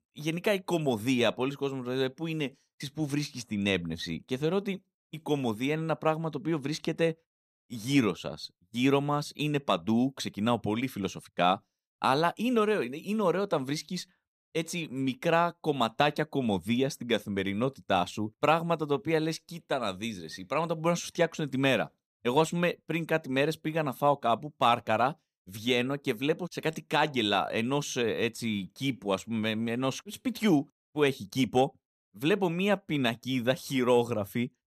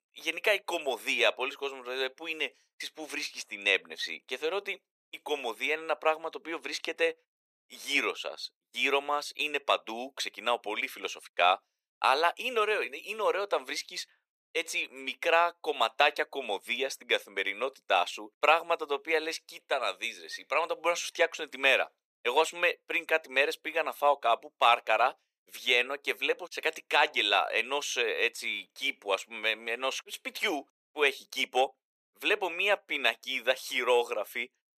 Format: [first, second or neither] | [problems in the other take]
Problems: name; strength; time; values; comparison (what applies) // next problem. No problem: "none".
first | thin; very; fading below 450 Hz